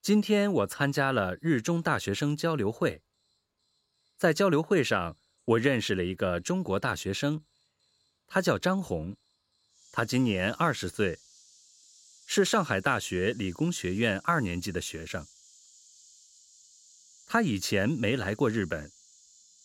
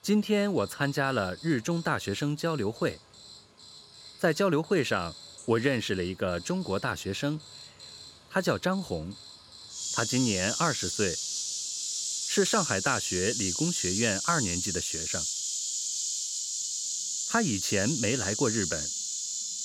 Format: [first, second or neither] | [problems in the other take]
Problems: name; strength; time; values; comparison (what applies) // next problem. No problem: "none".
first | animal sounds; loud; throughout; 1 dB below the speech; faint in the first